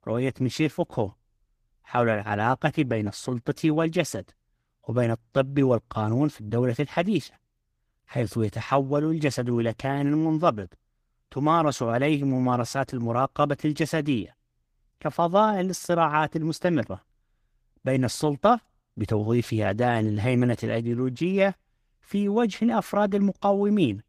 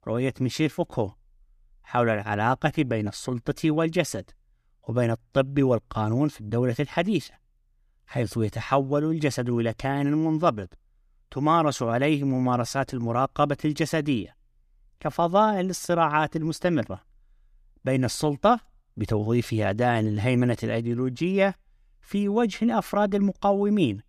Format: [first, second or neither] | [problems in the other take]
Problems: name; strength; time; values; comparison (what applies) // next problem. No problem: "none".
second | garbled, watery; slightly; nothing above 14.5 kHz